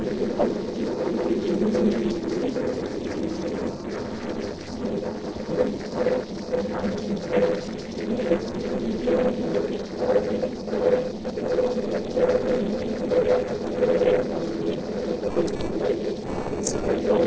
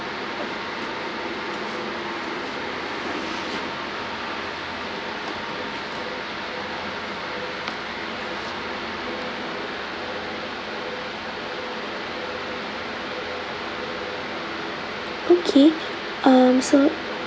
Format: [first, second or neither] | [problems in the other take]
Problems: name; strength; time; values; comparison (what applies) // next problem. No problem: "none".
second | noise reduction (neural separator model SepFormer DNS4)